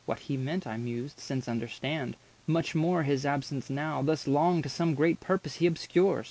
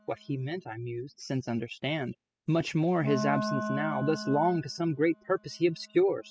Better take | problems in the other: first | noise reduction (classical method spectral subtraction)

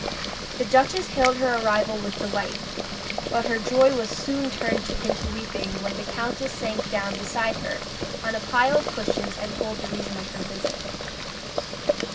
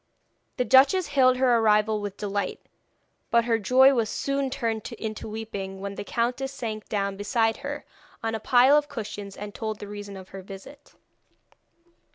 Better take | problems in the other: second | background sound (Boiling); 3 dB below the speech // room echo; dies away in 0.4 s

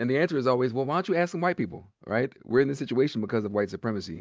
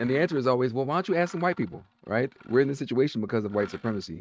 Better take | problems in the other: first | noise reduction (neural mask model RNNoise)

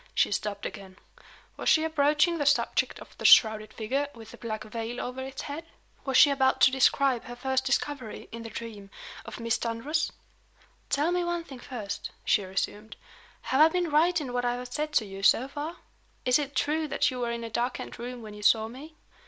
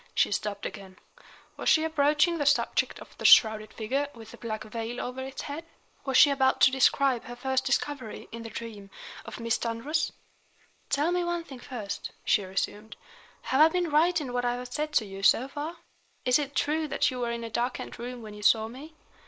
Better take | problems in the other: first | noise reduction (neural mask model Resemble Enhance denoiser)

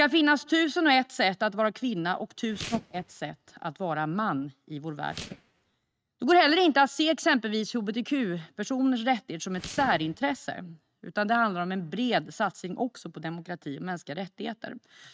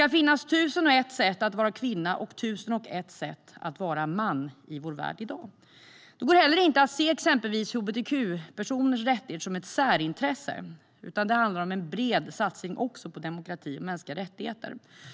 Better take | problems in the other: second | noise reduction (neural mask model RNNoise)

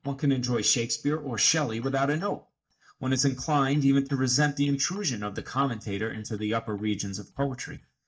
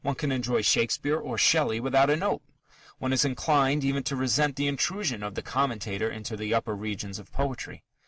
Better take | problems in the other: second | noise reduction (neural mask model DeepFilterNet 3)

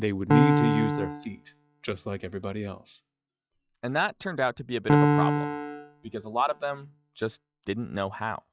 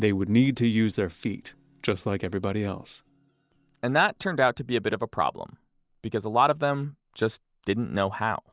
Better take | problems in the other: second | noise reduction (classical method log-MMSE)

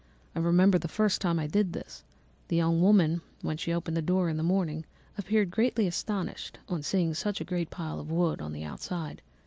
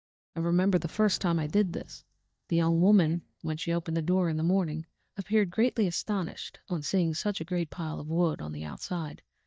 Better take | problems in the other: first | noise reduction (neural mask model DeepFilterNet 3)

